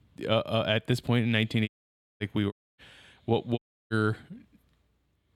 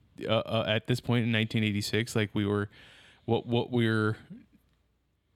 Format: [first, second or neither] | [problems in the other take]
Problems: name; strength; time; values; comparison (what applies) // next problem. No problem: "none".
second | audio cutting out; at 1.5 s for 0.5 s, at 2.5 s and at 3.5 s